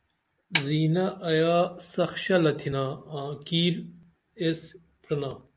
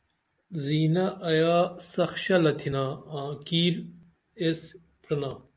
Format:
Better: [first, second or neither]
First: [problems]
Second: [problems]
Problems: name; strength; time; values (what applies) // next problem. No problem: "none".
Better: second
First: background sound (Snare drum); 7 dB below the speech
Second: none